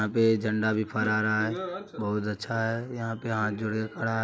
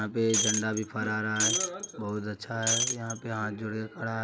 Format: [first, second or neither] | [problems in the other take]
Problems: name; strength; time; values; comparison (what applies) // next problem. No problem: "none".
first | background sound (Shatter); as loud as the speech